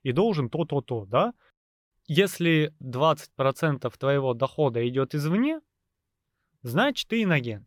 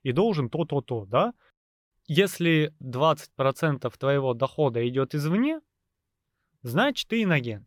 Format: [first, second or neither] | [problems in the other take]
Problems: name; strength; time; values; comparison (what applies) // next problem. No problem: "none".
neither | none